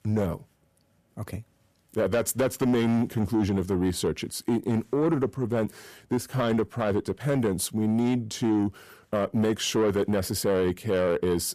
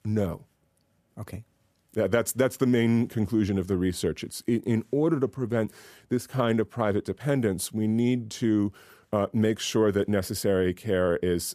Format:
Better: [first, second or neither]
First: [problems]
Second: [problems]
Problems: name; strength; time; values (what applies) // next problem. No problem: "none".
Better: second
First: distortion; slight; 10 dB below the speech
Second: none